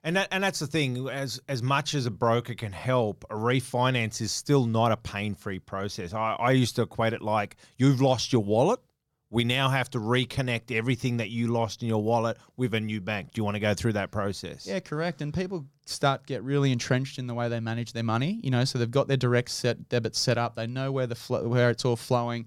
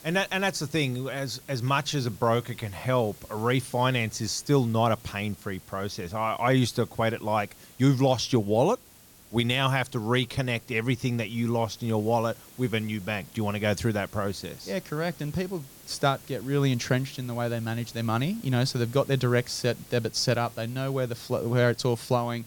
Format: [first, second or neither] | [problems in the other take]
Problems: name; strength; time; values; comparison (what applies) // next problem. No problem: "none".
first | hiss; faint; throughout; 20 dB below the speech